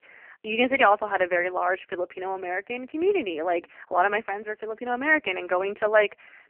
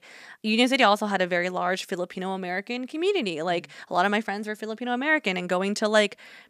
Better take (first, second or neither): second